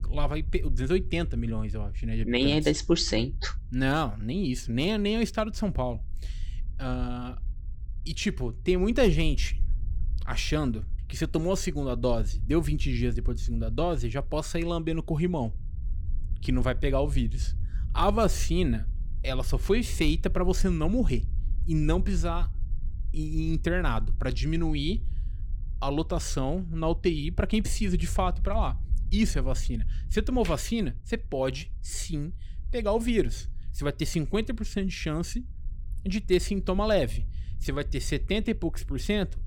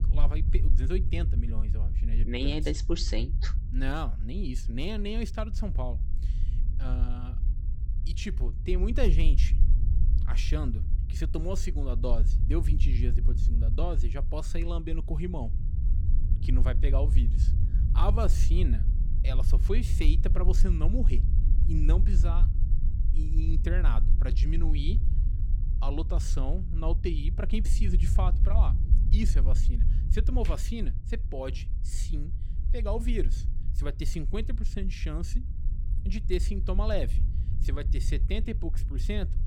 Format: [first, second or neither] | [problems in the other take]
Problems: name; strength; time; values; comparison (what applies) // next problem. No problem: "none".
first | low rumble; loud; throughout; 10 dB below the speech; faint in the first